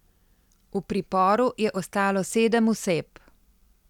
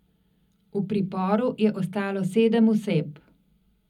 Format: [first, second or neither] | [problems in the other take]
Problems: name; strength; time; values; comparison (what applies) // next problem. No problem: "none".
first | room echo; dies away in 0.4 s